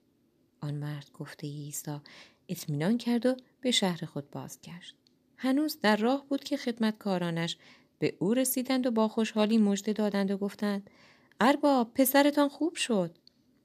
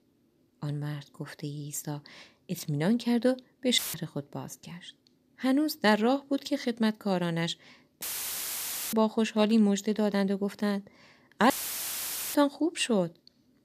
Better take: first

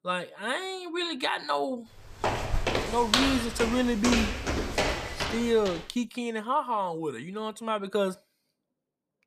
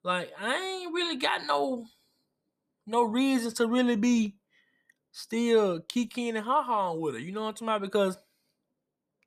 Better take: second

